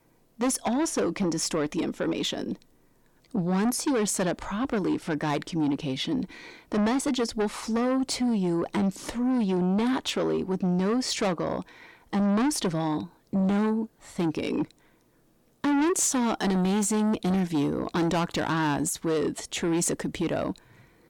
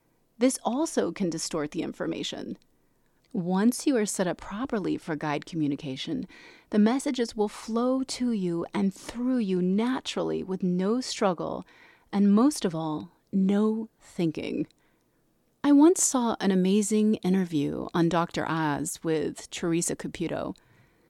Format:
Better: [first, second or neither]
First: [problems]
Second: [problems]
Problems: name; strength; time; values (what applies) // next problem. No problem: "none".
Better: second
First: distortion; heavy; 7 dB below the speech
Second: none